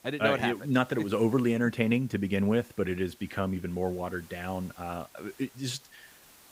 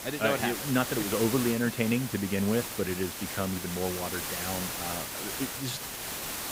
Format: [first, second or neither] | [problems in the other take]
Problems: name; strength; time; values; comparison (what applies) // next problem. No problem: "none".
first | hiss; loud; throughout; 3 dB below the speech; faint in the first